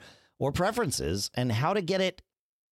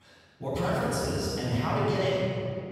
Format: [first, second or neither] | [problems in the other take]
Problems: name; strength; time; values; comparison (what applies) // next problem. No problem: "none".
first | off-mic speech; far // room echo; strong; dies away in 2.8 s